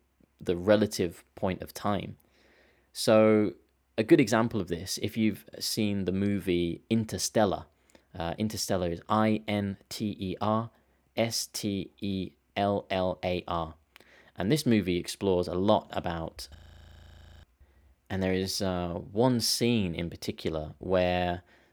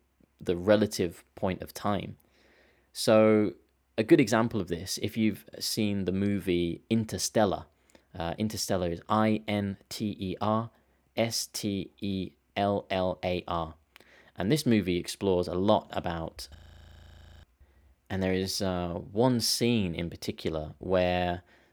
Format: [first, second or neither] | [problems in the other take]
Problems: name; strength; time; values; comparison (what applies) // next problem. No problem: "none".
neither | audio freezing; at 17 s for 1 s; the same in both